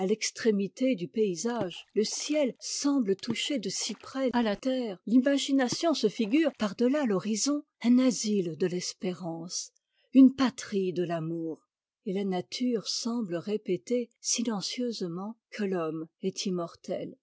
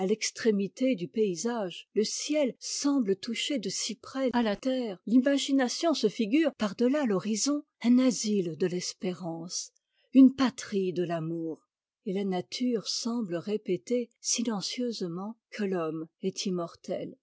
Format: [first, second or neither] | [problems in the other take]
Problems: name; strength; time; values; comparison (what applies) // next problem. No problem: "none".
second | background sound (Water / Splash, splatter); 19 dB below the speech